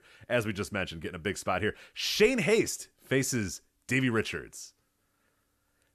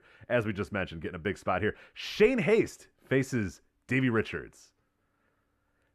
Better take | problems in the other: first | muffled; slightly; fading above 3.5 kHz

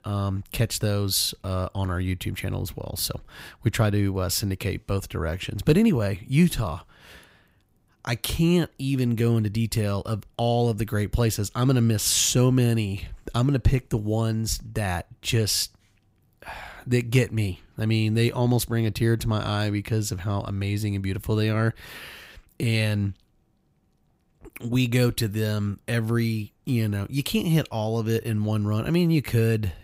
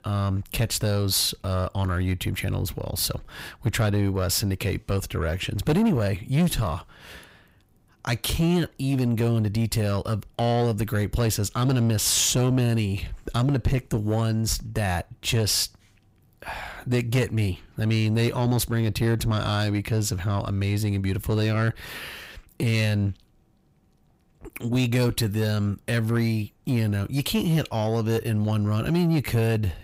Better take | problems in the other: first | distortion; slight; 10 dB below the speech

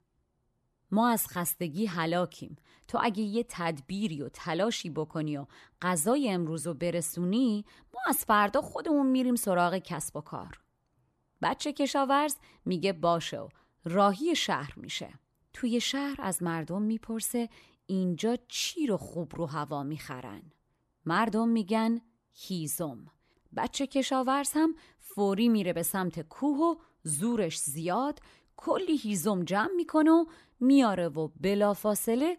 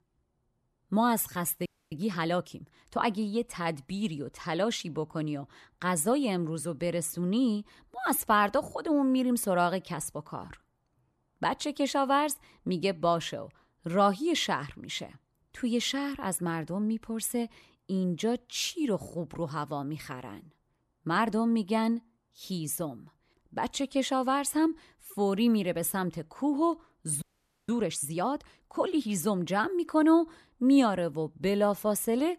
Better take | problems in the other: first | audio freezing; at 1.5 s and at 27 s

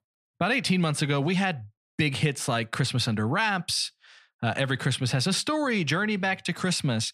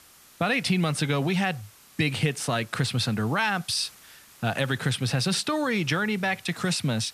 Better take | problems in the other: first | hiss; faint; throughout; 25 dB below the speech

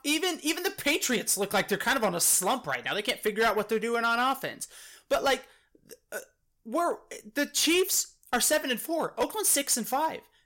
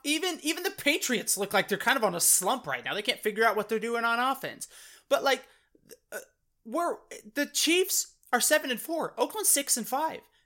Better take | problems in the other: second | distortion; slight; 5% of the sound clipped

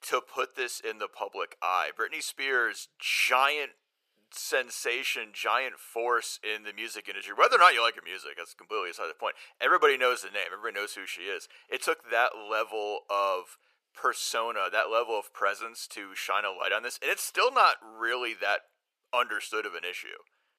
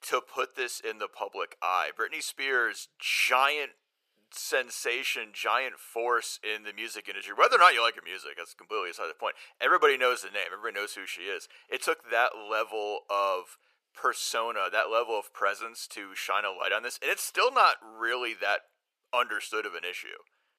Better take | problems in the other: neither | thin; very; fading below 450 Hz; the same in both

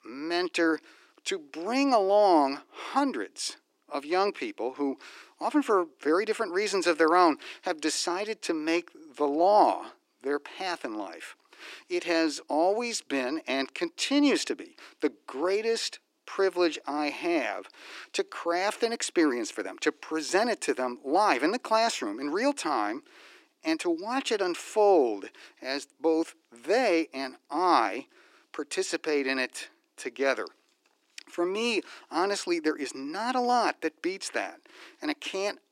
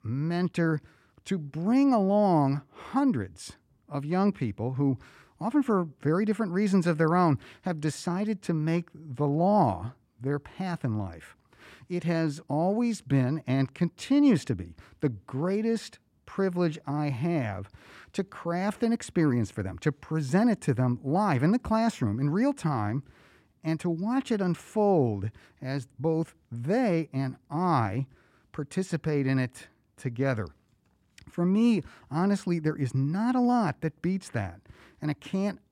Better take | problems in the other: second | thin; somewhat; fading below 300 Hz

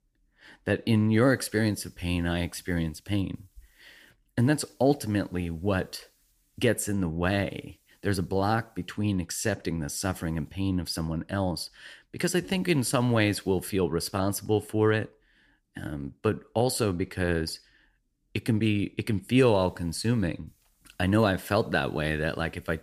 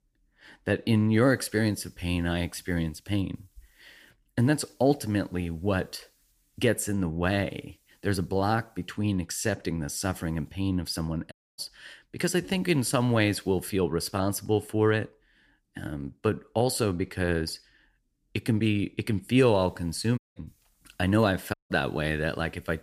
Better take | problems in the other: first | audio cutting out; at 11 s, at 20 s and at 22 s

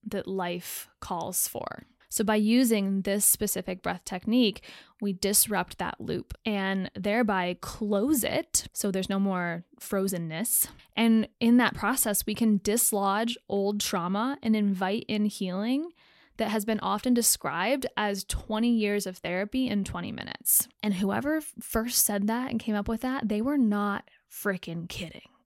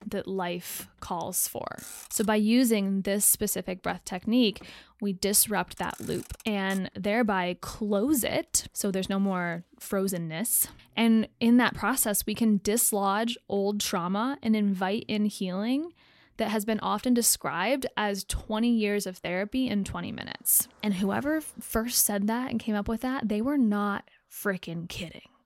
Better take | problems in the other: first | traffic noise; faint; throughout; 25 dB below the speech

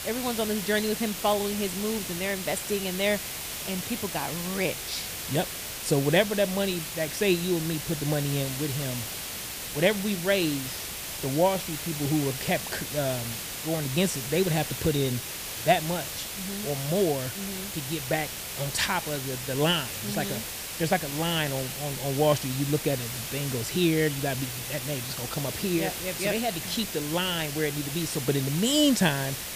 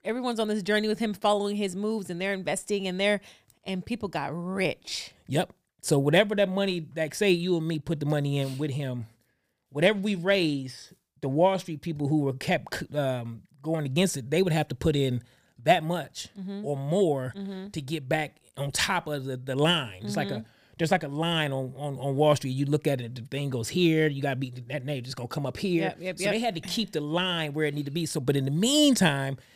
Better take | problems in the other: second | hiss; loud; throughout; 5 dB below the speech

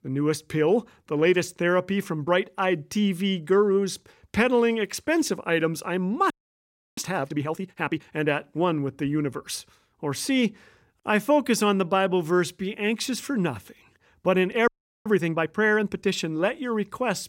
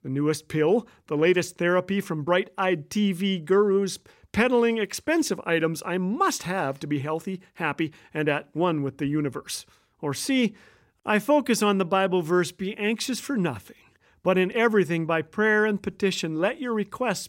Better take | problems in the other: second | audio freezing; at 6.5 s for 0.5 s and at 15 s

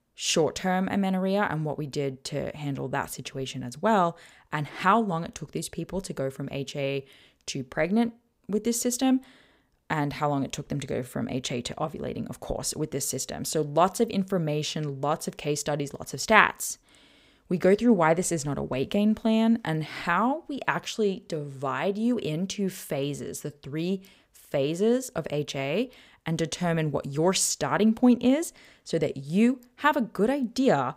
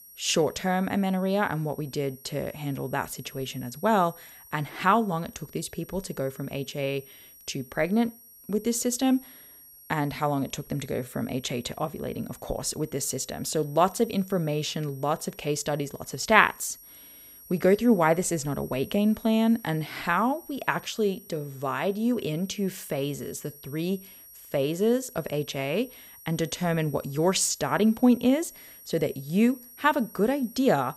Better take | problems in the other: first | high-pitched whine; noticeable; throughout; 11.5 kHz, 20 dB below the speech

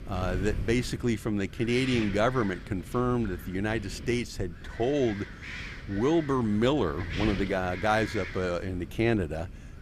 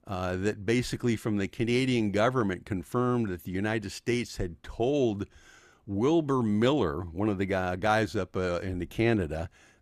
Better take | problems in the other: second | wind noise on the microphone; occasional gusts; 10 dB below the speech

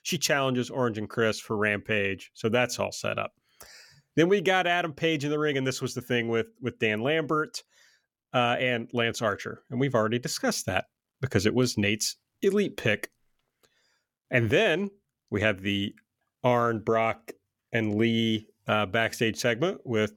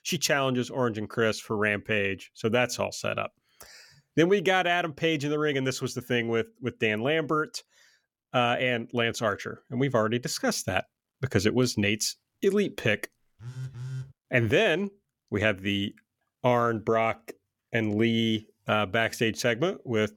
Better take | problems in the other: first | phone ringing; noticeable; at 13 s; peak 10 dB below the speech

